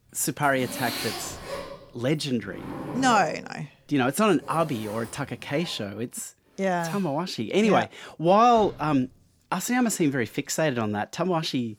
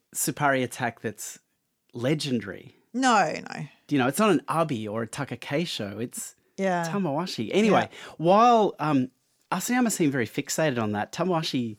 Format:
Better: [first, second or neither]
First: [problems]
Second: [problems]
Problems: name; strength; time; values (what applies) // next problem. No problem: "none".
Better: second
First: household noises; noticeable; throughout; 10 dB below the speech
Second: none